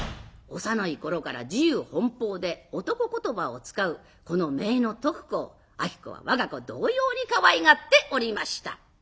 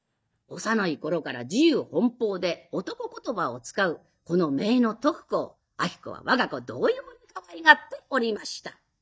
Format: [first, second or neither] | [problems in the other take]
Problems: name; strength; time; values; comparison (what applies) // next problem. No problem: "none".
first | noise reduction (neural mask model DeepFilterNet 3)